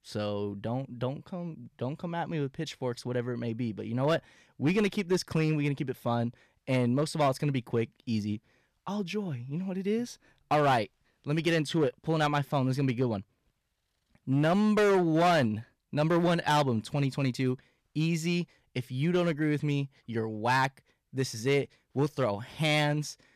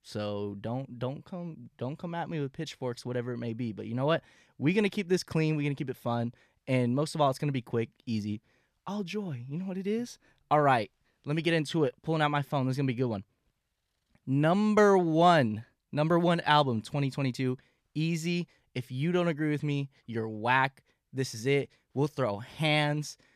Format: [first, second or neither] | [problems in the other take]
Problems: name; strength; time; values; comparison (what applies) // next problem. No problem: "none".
second | distortion; slight; 4% of the sound clipped